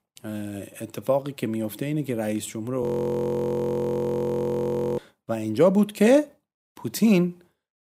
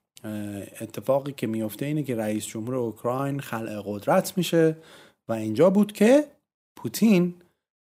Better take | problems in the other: second | audio freezing; at 3 s for 2 s

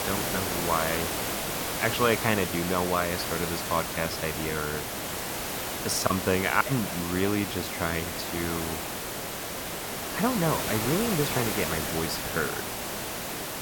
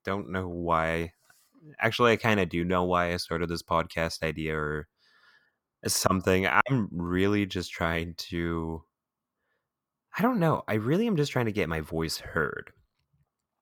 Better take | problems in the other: second | hiss; loud; throughout; 1 dB below the speech

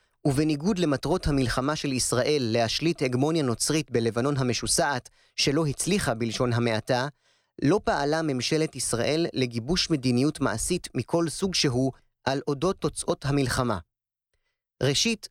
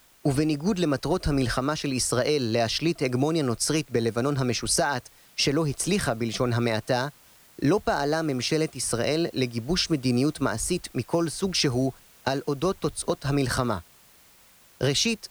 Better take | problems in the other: first | hiss; faint; throughout; 25 dB below the speech

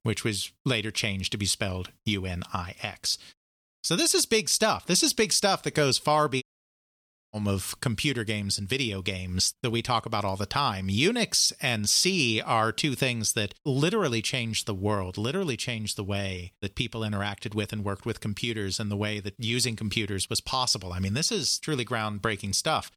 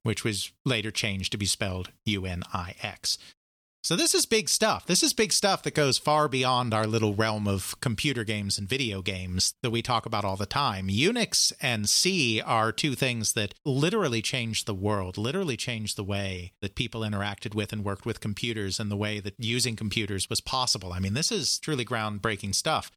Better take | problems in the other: second | audio cutting out; at 6.5 s for 1 s

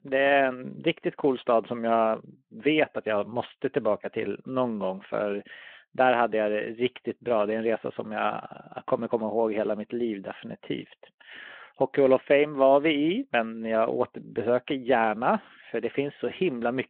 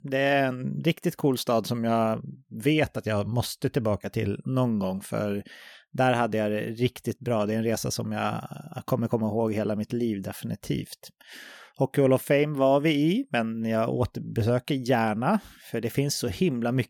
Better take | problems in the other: second | phone-call audio

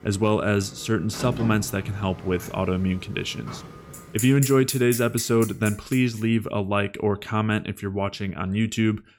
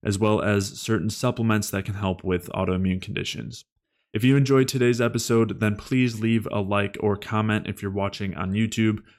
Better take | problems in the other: second | traffic noise; noticeable; until 5.5 s; 10 dB below the speech

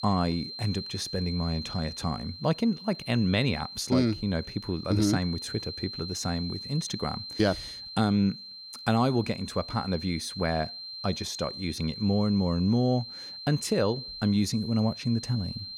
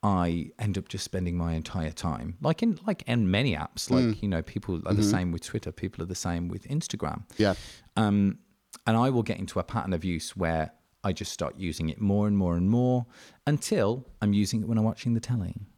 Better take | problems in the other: second | high-pitched whine; loud; throughout; 4 kHz, 9 dB below the speech

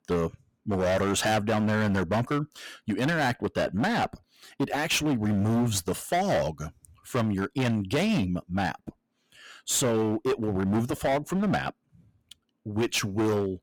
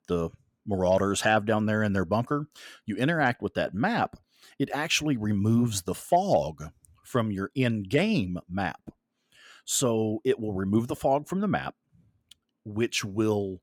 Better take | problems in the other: second | distortion; heavy; 17% of the sound clipped

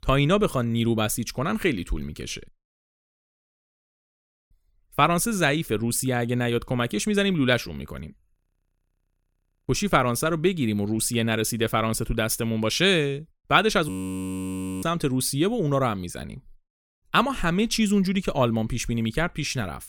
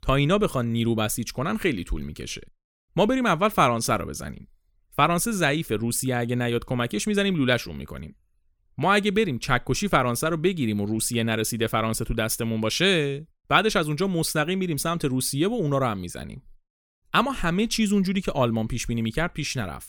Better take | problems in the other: second | audio freezing; at 3 s for 1.5 s, at 8.5 s for 1.5 s and at 14 s for 1 s

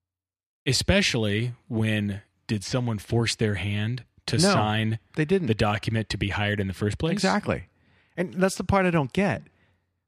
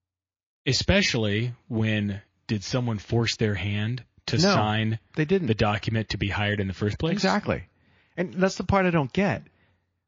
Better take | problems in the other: first | garbled, watery; slightly; nothing above 6 kHz

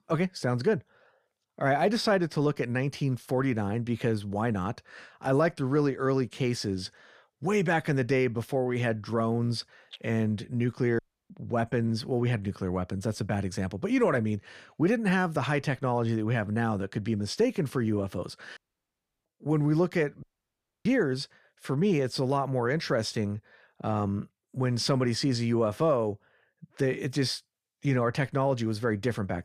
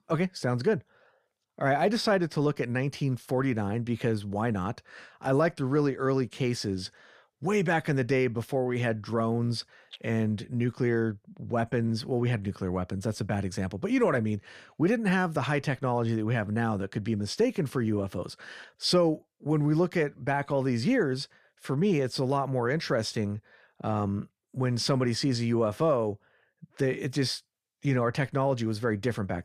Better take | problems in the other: second | audio cutting out; at 11 s, at 19 s for 0.5 s and at 20 s for 0.5 s

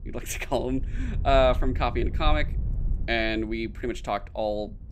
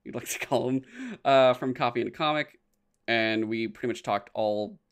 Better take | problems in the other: second | low rumble; faint; throughout; 20 dB below the speech

